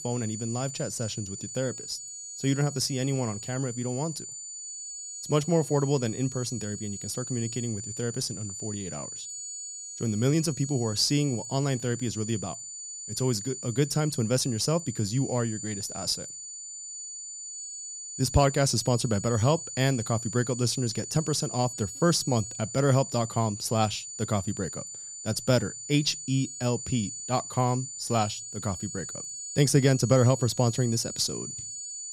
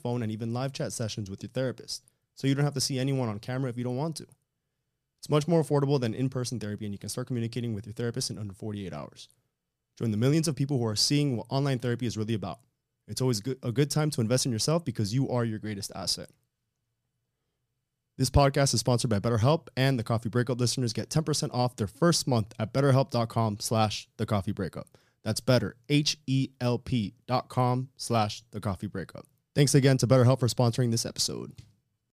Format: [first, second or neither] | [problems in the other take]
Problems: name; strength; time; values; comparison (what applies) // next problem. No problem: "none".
second | high-pitched whine; loud; throughout; 7 kHz, 8 dB below the speech